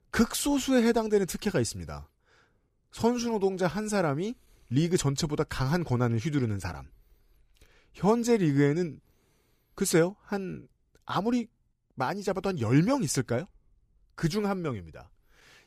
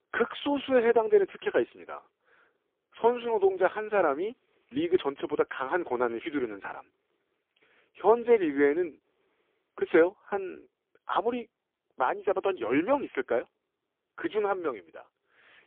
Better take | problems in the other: first | phone-call audio; poor line; nothing above 3.5 kHz

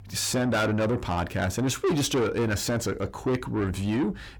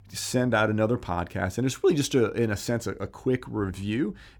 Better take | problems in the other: second | distortion; heavy; 7 dB below the speech

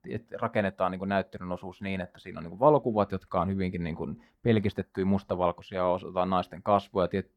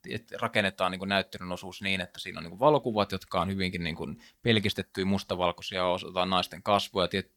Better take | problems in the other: second | muffled; very; fading above 2 kHz

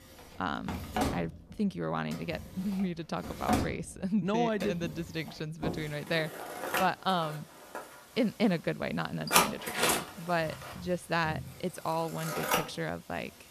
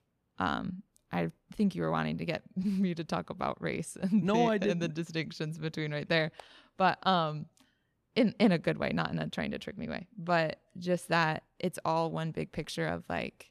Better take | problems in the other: second | household noises; very loud; throughout; as loud as the speech

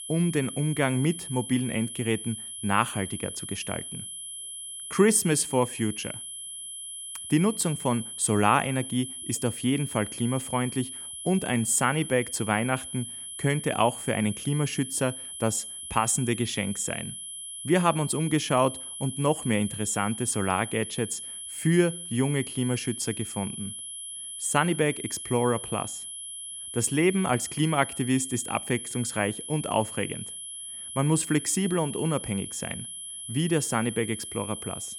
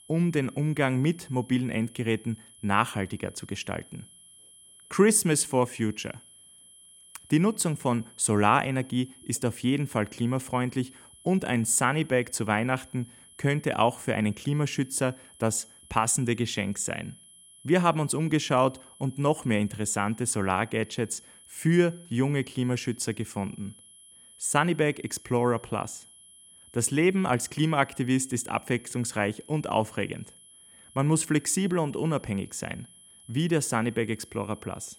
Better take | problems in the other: second | high-pitched whine; loud; throughout; 11 kHz, 8 dB below the speech; faint in the second

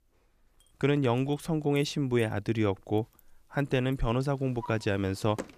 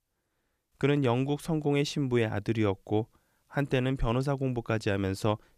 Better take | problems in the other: second | household noises; faint; throughout; 20 dB below the speech

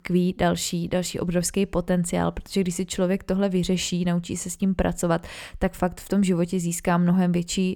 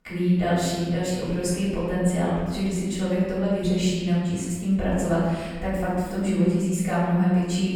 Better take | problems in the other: first | room echo; strong; dies away in 1.4 s // off-mic speech; far

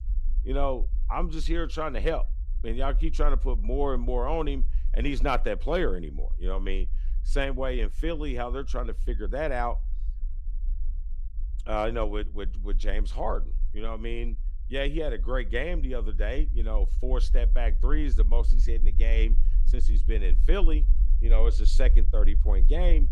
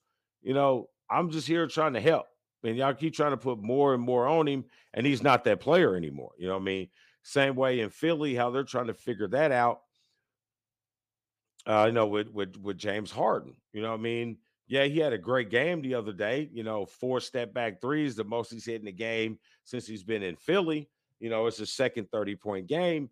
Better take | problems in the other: second | low rumble; faint; throughout; 20 dB below the speech

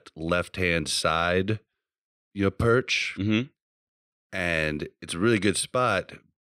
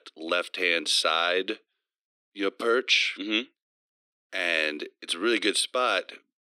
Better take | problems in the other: first | thin; somewhat; fading below 250 Hz

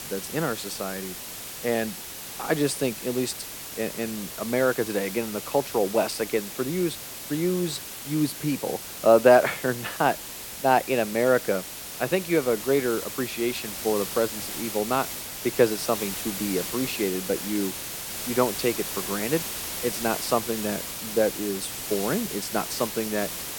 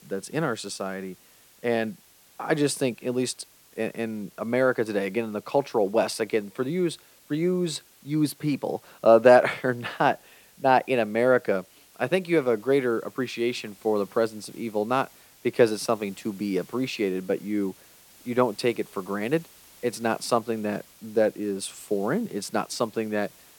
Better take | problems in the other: second | hiss; loud; throughout; 6 dB below the speech; faint in the second

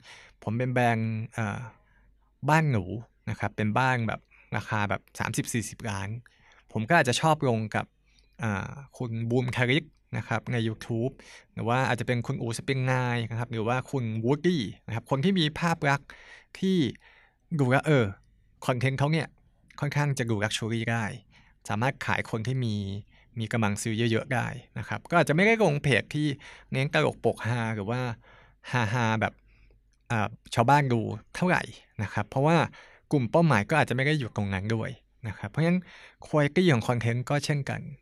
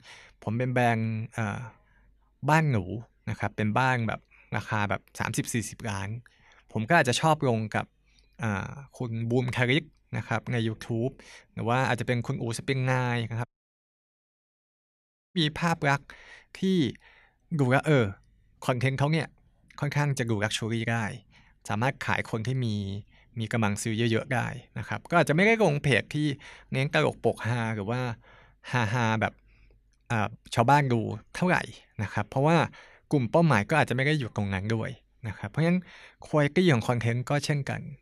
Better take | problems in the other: first | audio cutting out; at 13 s for 2 s

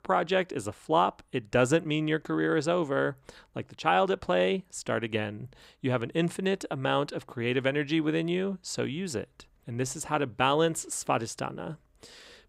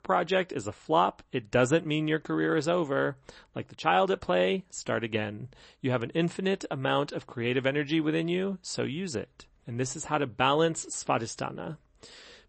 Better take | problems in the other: first | garbled, watery; slightly; nothing above 8 kHz

